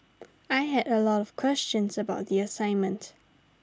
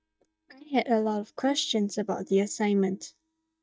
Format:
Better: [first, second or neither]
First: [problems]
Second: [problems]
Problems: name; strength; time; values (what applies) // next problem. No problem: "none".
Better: first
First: none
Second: noise reduction (neural mask model DeepFilterNet 3)